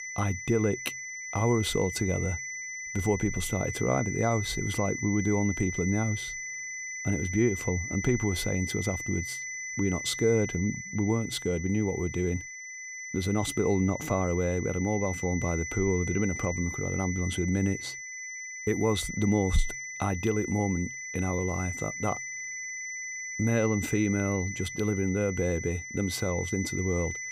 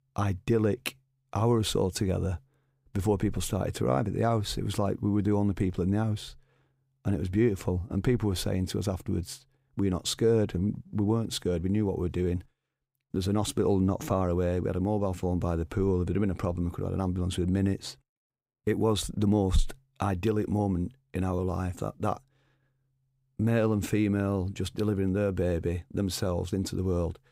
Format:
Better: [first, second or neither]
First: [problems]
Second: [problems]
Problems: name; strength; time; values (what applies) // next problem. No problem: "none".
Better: second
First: high-pitched whine; loud; throughout; 2 kHz, 6 dB below the speech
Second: none